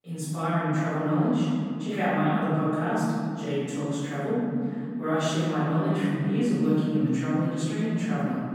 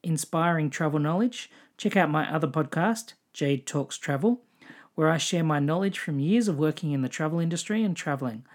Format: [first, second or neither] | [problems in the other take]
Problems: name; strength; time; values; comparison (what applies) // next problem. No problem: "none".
second | off-mic speech; far // room echo; strong; dies away in 2.6 s